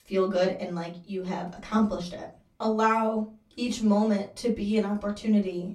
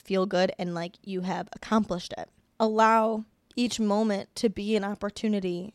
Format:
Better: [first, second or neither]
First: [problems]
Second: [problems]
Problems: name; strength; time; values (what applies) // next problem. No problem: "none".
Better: second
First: off-mic speech; far // room echo; very slight; dies away in 0.3 s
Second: none